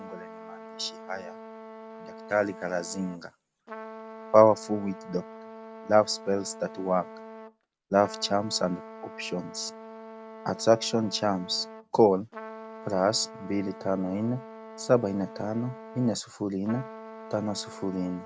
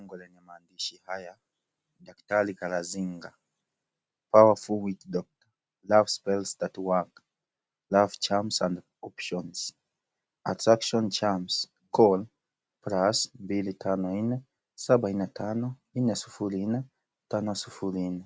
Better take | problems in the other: second | background sound (Trumpet); 15 dB below the speech

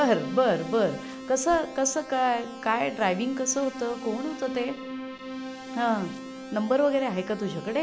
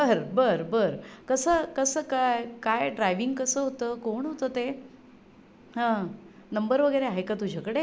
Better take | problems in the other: second | background sound (Keyboard (musical)); 11 dB below the speech

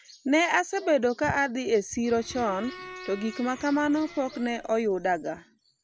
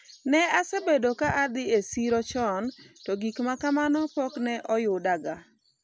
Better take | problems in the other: second | background sound (Bowed string instrument); 18 dB below the speech

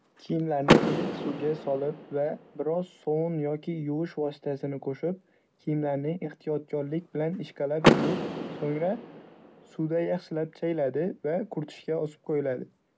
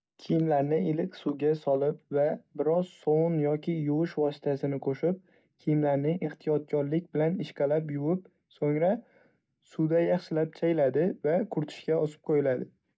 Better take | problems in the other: second | background sound (Door / Car); 2 dB below the speech

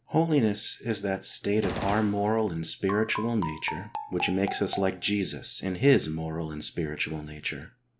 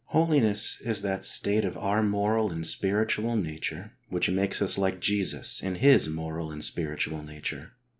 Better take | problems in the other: second | background sound (Gunshot, gunfire + Marimba, xylophone); 10 dB below the speech

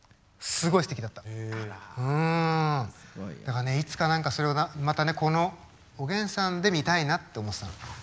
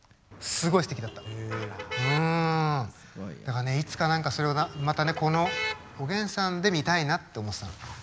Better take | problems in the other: first | background sound (Motor vehicle (road)); 10 dB below the speech

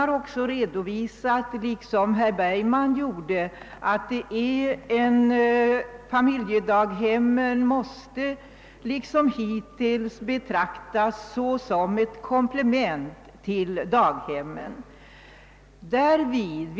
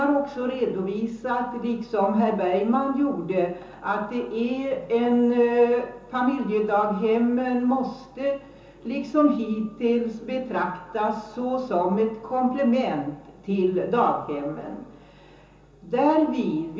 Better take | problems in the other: first | room echo; dies away in 0.6 s

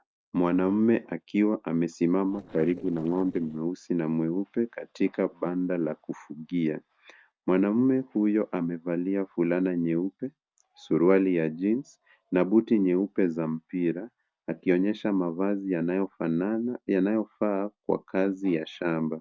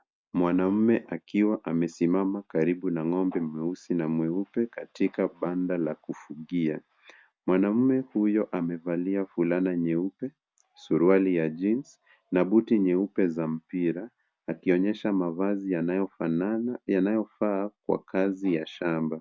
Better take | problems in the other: second | noise reduction (neural separator model SepFormer DNS4)

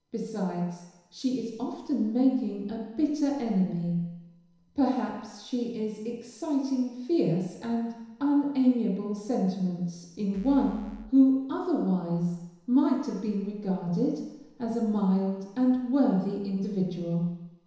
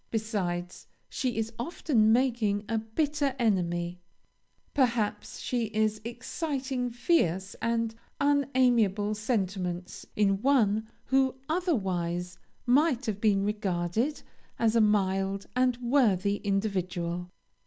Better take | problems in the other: second | background sound (Bass drum / Keyboard (musical)); 18 dB below the speech // room echo; dies away in 1 s

